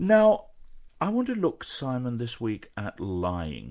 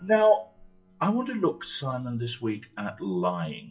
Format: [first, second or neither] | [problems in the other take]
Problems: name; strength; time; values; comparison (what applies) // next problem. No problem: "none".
first | noise reduction (classical method WPE with log-MMSE)